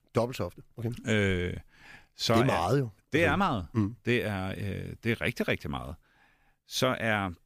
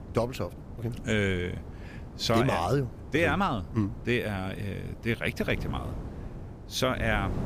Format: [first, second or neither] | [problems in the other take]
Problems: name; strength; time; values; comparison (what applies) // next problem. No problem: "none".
first | wind noise on the microphone; occasional gusts; 20 dB below the speech